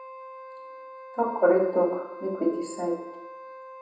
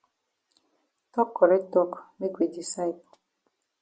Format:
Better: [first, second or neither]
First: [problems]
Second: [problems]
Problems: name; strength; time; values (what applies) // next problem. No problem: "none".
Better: second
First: background sound (Wind instrument, woodwind instrument); 15 dB below the speech // room echo; dies away in 0.8 s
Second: none